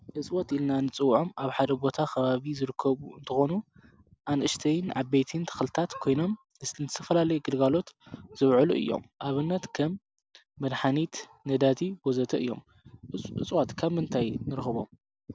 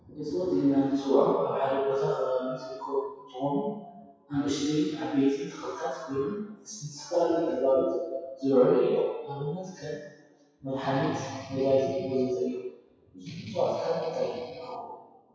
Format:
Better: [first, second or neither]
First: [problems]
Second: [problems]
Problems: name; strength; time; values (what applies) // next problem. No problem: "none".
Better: first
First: none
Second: noise reduction (classical method WPE with log-MMSE)